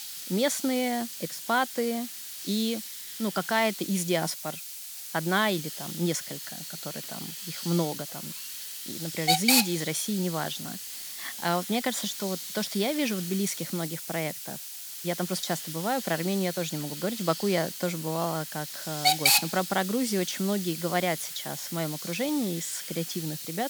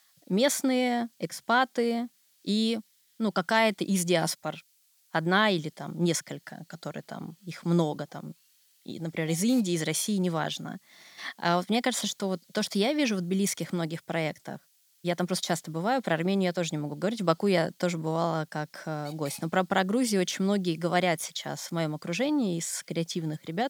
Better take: second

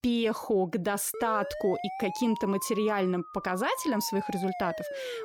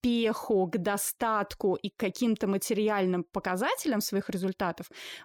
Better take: second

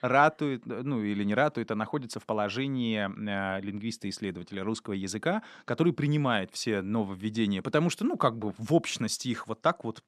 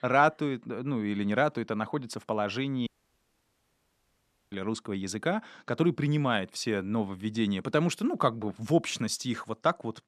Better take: first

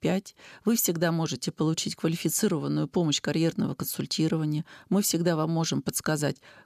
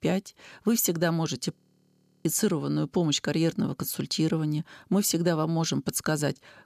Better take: first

